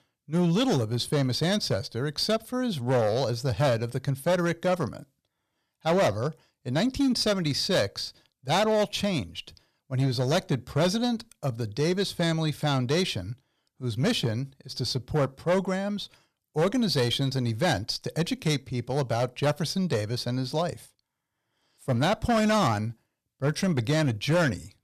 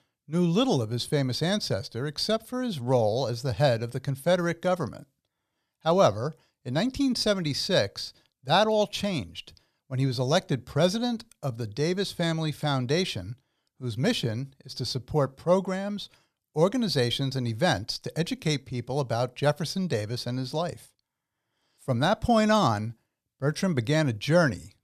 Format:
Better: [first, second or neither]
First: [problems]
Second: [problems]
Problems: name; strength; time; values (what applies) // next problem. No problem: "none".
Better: second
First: distortion; slight; 7% of the sound clipped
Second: none